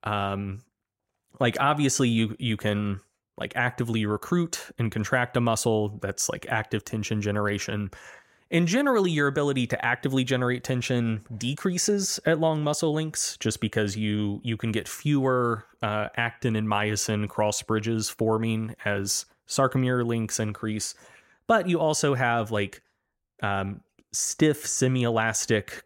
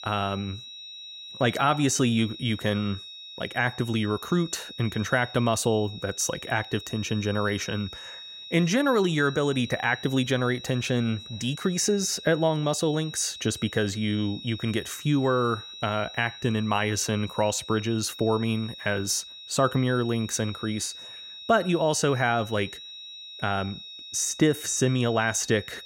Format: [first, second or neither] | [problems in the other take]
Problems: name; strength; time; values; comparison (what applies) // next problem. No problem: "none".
first | high-pitched whine; noticeable; throughout; 4 kHz, 15 dB below the speech